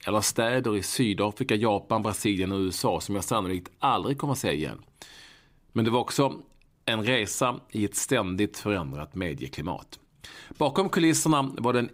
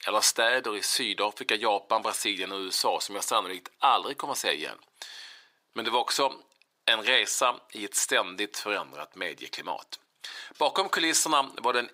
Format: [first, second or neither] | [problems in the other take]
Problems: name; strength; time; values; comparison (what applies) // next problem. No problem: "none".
first | thin; very; fading below 650 Hz